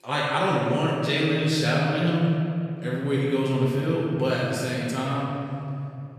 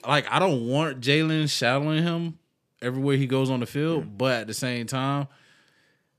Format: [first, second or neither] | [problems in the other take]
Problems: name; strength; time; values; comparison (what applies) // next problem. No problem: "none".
second | room echo; strong; dies away in 2.5 s // off-mic speech; far